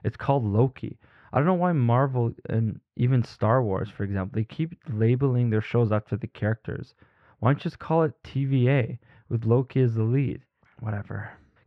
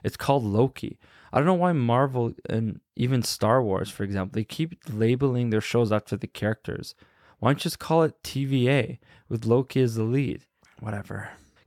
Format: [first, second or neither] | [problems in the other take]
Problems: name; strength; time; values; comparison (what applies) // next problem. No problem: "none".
second | muffled; very; fading above 2 kHz